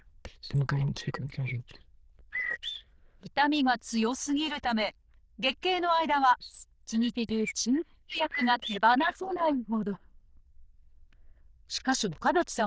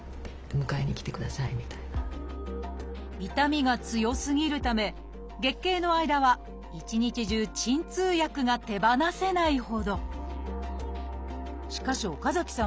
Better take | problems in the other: second | noise reduction (neural diffusion model UNIVERSE++)

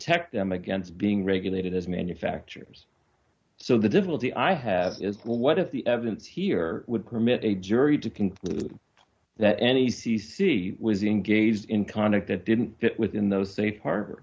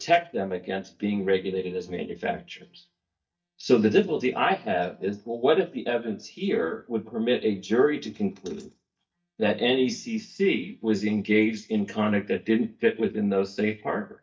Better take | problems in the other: first | noise reduction (neural mask model DeepFilterNet 3)

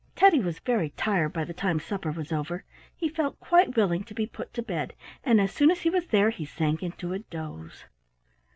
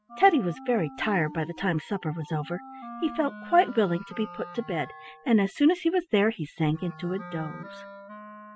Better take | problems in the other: first | noise reduction (classical method spectral subtraction)

